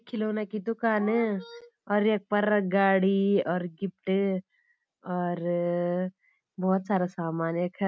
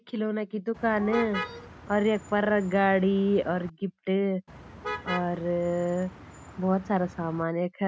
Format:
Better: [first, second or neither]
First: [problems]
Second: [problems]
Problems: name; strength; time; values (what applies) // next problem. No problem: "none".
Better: first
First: none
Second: background sound (Motor vehicle (road)); 13 dB below the speech